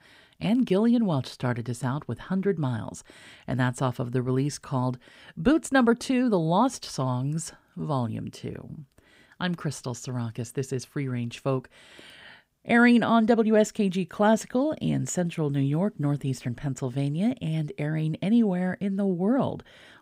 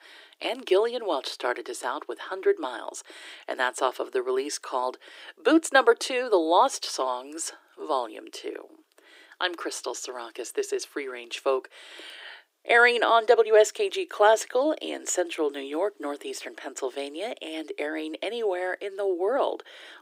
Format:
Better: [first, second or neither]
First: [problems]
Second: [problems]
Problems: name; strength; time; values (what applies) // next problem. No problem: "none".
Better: first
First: none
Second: thin; very; fading below 300 Hz